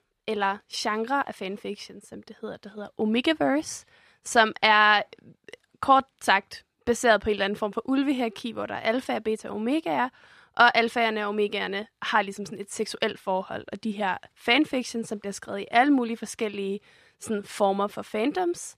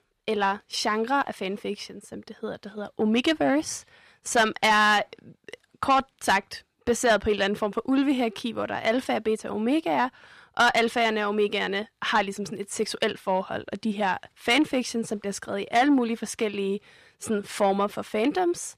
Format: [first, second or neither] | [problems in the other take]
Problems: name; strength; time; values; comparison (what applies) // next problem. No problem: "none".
first | distortion; slight; 10 dB below the speech